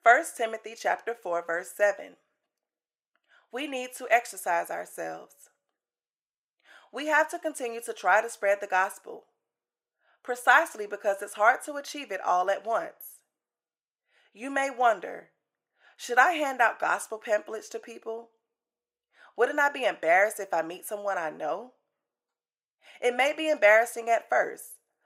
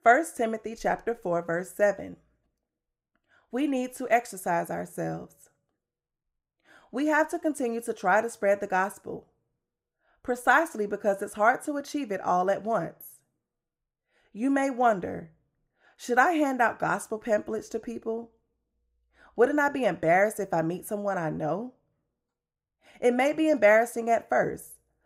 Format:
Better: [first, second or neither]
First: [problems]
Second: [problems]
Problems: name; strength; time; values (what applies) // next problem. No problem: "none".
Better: second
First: thin; somewhat; fading below 550 Hz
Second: none